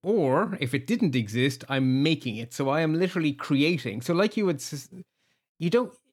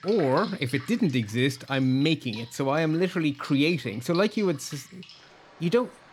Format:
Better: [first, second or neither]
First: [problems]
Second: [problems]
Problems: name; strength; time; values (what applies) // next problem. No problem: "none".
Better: first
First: none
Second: rain or running water; noticeable; throughout; 20 dB below the speech